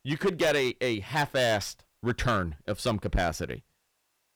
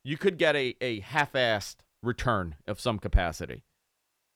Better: second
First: distortion; heavy; 6% of the sound clipped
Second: none

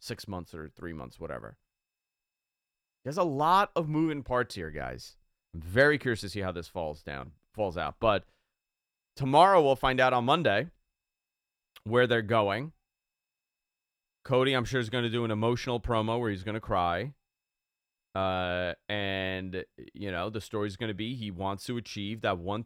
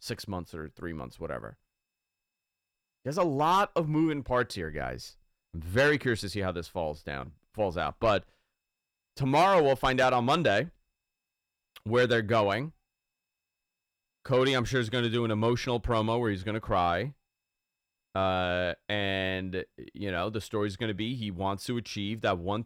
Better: first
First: none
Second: distortion; slight; 10 dB below the speech

